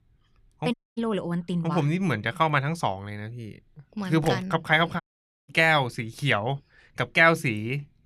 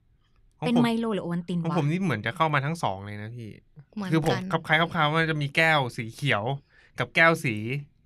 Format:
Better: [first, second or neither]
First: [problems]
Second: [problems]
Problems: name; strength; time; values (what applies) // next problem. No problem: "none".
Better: second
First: audio cutting out; at 0.5 s and at 5 s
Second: none